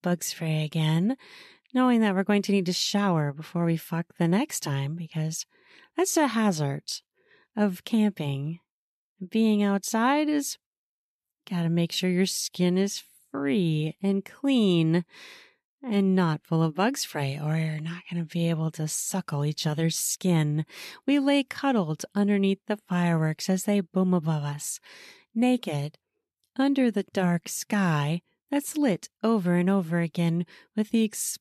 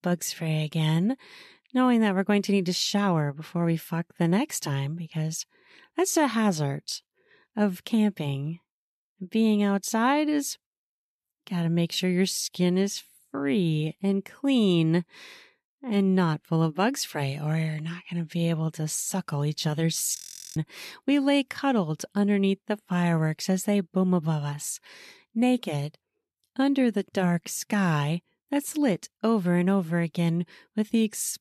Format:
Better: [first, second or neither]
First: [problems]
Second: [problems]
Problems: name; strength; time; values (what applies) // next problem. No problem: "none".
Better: first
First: none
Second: audio freezing; at 20 s